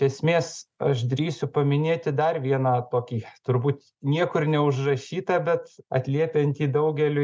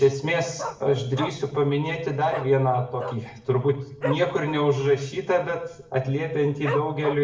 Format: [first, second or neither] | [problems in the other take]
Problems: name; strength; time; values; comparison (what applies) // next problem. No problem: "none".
first | background sound (Dog); 13 dB below the speech // room echo; dies away in 0.6 s